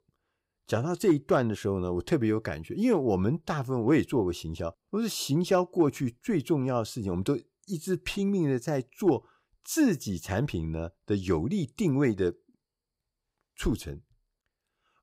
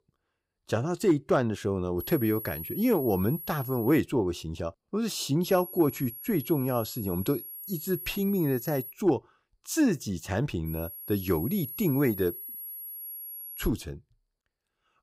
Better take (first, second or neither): first